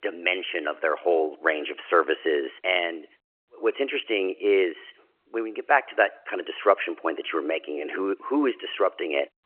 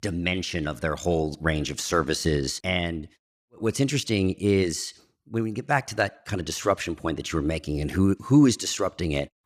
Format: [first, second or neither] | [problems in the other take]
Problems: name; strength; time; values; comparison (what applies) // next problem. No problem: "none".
second | phone-call audio; nothing above 3 kHz